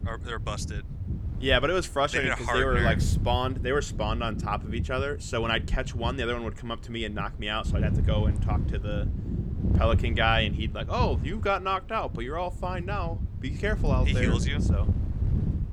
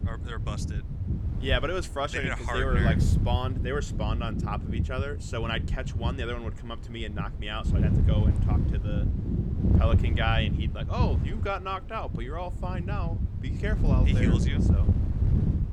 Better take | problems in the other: first | wind noise on the microphone; heavy; 6 dB below the speech; occasional gusts in the first

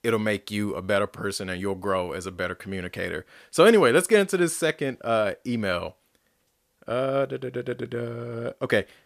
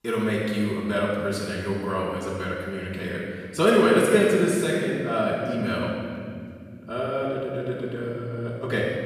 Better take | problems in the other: first | room echo; strong; dies away in 2.9 s // off-mic speech; far

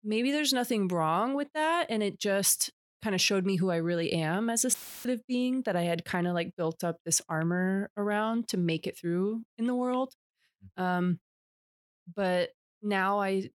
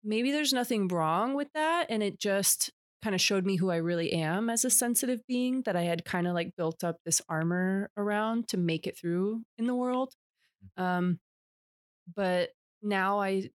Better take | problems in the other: second | audio cutting out; filled with static; at 4.5 s

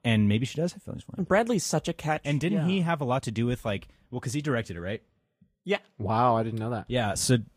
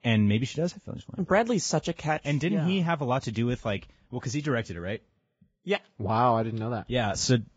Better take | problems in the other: first | garbled, watery; badly; nothing above 7.5 kHz; slightly in the first

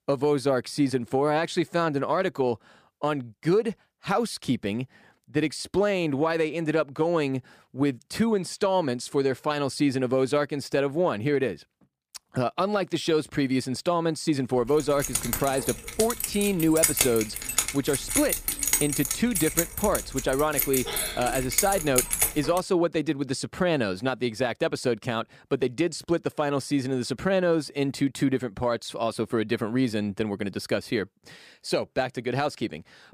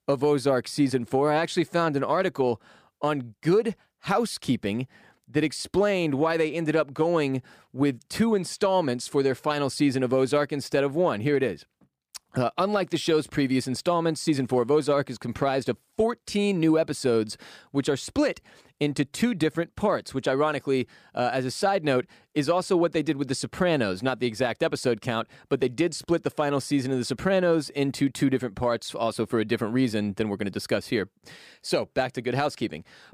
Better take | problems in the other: second | jangling keys; loud; from 15 to 23 s; peak 5 dB above the speech

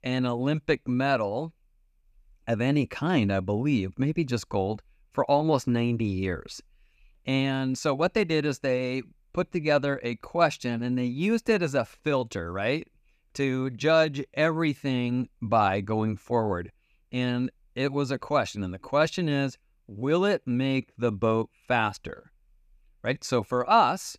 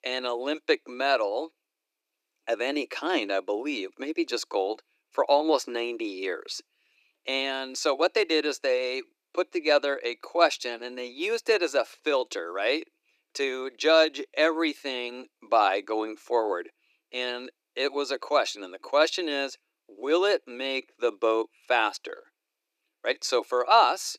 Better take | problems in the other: first | thin; very; fading below 300 Hz

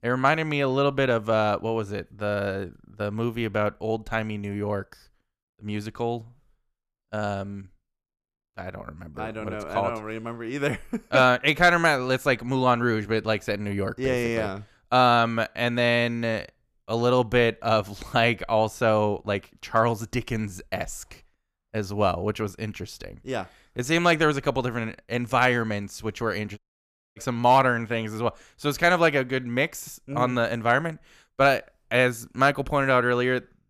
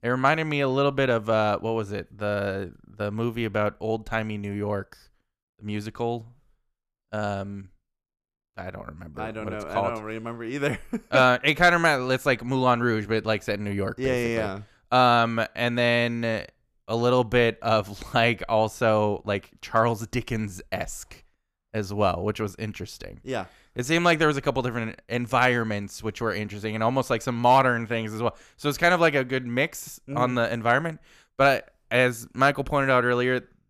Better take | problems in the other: second | audio cutting out; at 27 s for 0.5 s

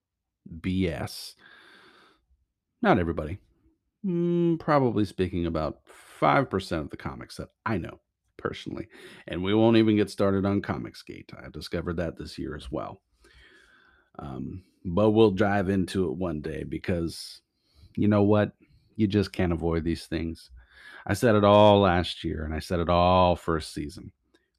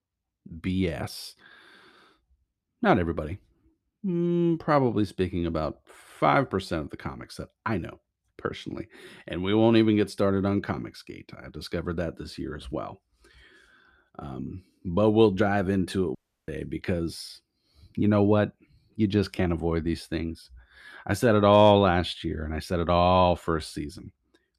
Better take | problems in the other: first | audio cutting out; at 16 s

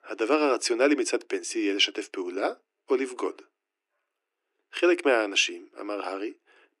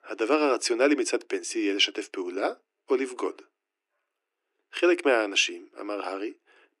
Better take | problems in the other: neither | thin; somewhat; fading below 300 Hz; the same in both

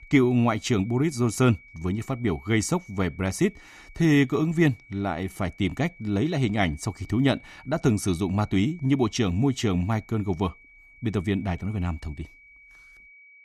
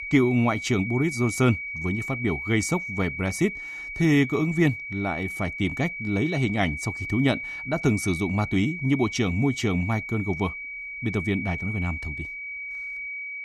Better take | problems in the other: first | high-pitched whine; loud; throughout; 2.5 kHz, 7 dB below the speech; faint in the first

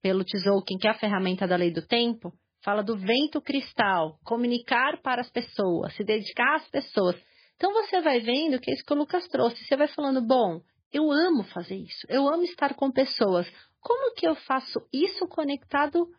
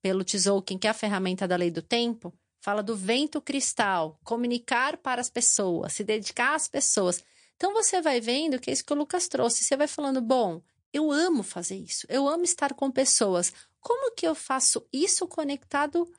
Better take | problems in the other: second | garbled, watery; badly; nothing above 5 kHz; slightly in the second

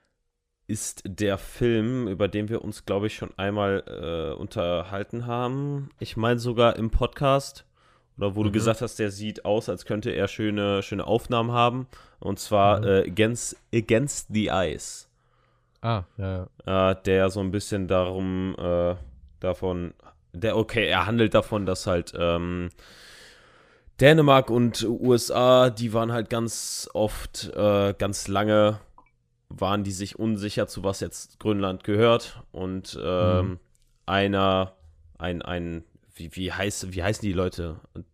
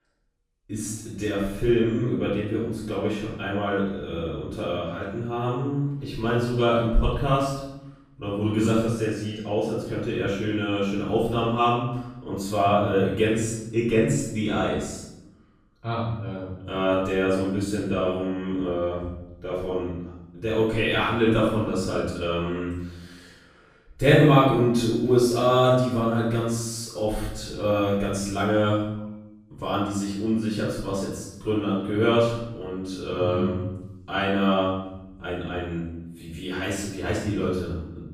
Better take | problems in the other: first | off-mic speech; far // room echo; noticeable; dies away in 0.8 s

